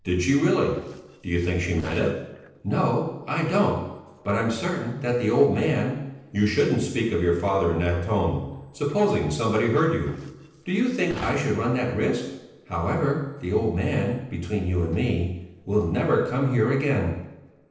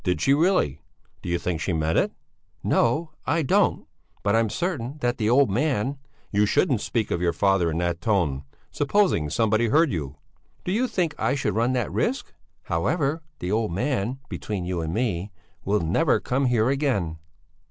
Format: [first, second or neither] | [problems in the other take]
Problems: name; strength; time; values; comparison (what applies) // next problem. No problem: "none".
second | noise reduction (neural separator model SepFormer DNS4)